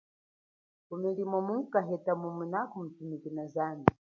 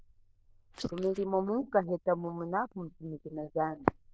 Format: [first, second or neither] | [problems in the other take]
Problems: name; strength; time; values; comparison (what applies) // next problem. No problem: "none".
first | noise reduction (neural diffusion model UNIVERSE++)